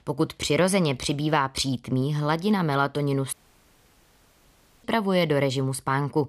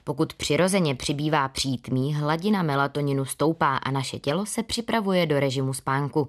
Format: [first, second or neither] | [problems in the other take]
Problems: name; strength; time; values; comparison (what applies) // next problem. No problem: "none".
second | audio cutting out; at 3.5 s for 1.5 s